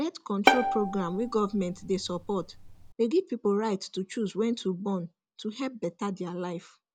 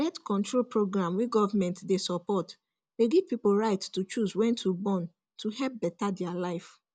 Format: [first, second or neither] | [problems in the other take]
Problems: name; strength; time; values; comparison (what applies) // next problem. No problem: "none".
second | background sound (Bowed string instrument); as loud as the speech